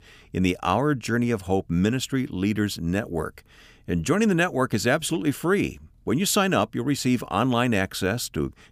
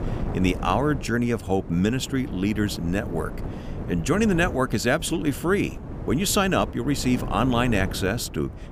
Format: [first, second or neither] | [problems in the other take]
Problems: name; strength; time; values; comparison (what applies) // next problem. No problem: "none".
first | wind noise on the microphone; occasional gusts; 15 dB below the speech